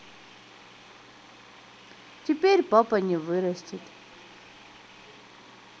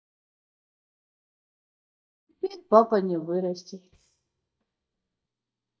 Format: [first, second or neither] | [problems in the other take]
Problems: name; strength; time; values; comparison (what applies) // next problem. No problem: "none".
first | noise reduction (neural mask model DeepFilterNet 3)